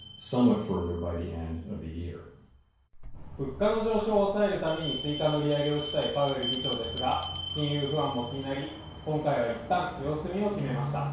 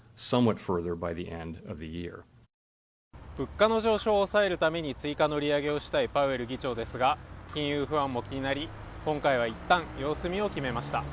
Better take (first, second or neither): second